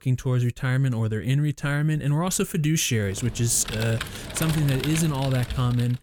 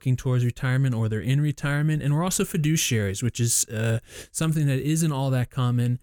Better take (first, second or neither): second